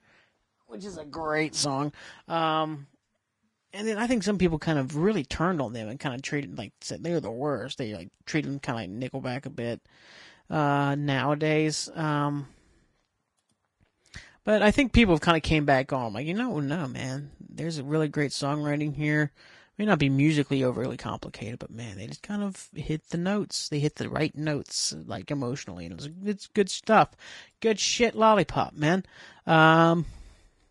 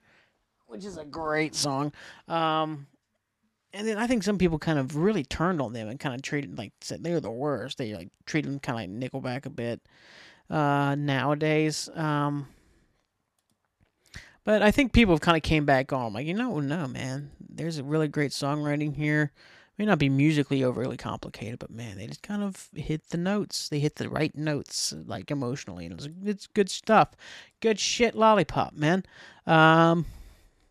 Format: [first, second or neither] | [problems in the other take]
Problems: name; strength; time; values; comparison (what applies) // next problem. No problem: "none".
second | garbled, watery; slightly; nothing above 10.5 kHz